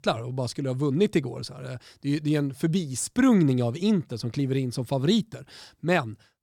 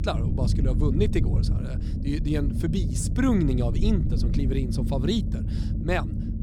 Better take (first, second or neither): first